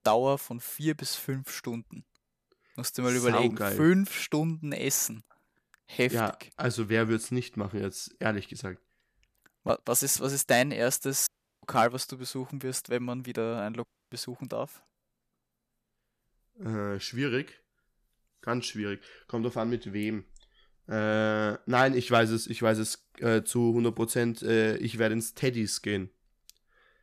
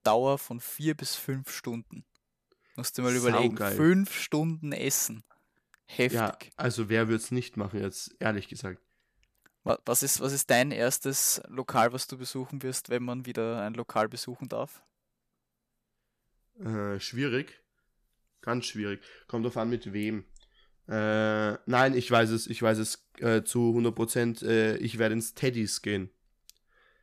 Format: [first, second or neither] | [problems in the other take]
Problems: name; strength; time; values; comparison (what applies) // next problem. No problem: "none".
second | audio cutting out; at 11 s and at 14 s